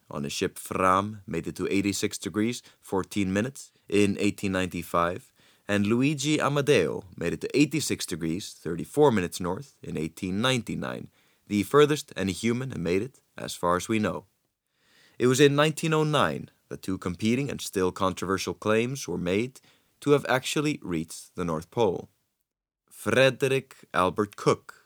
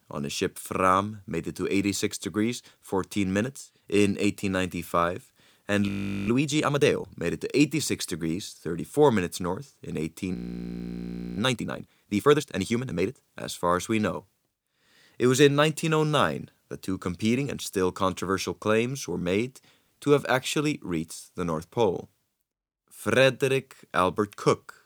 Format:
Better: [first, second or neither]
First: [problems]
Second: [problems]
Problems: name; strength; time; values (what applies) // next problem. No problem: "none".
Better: first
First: none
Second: audio freezing; at 6 s and at 10 s for 1 s